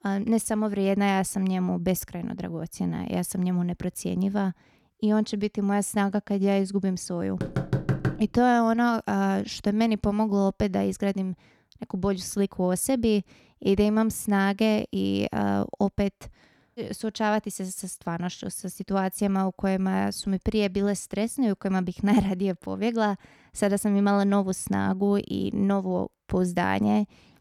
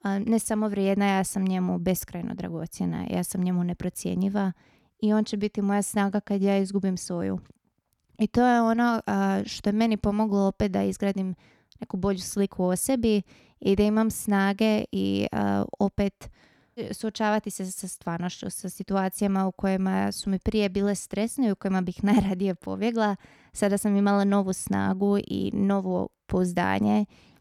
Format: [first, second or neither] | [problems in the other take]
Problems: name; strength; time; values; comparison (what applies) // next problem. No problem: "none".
second | door banging; noticeable; at 7.5 s; peak 1 dB below the speech